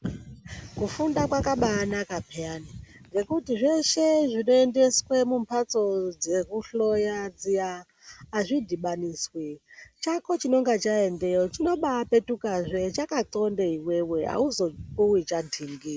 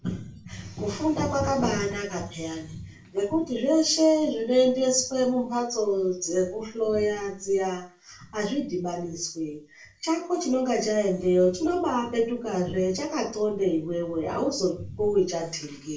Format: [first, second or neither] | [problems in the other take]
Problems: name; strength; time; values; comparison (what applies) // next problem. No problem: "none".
first | room echo; dies away in 0.3 s